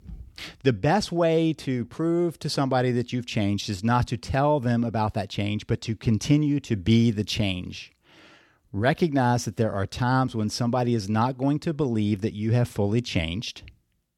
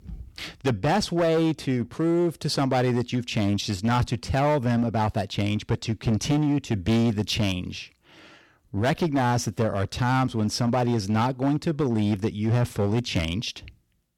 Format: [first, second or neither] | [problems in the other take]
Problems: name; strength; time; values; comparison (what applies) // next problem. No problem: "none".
first | distortion; slight; 12% of the sound clipped